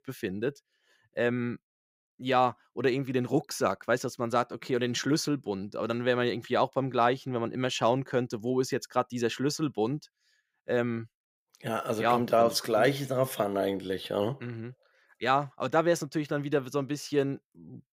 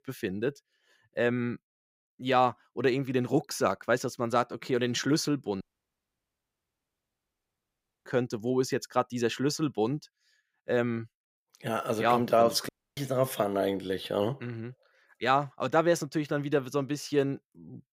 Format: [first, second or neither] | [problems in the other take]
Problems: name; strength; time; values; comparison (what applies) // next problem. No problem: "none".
first | audio cutting out; at 5.5 s for 2.5 s and at 13 s